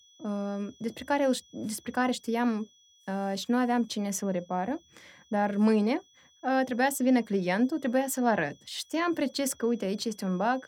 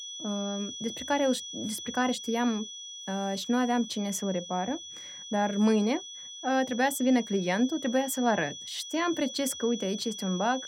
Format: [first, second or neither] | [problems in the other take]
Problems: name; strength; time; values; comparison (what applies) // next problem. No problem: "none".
first | high-pitched whine; loud; throughout; 3.5 kHz, 10 dB below the speech; faint in the first